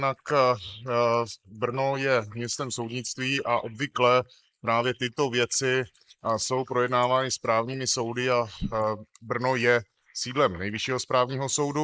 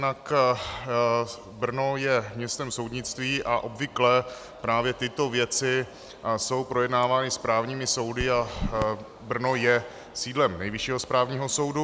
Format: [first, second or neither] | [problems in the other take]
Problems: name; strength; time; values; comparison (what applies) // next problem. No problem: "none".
second | noise reduction (neural mask model Resemble Enhance denoiser)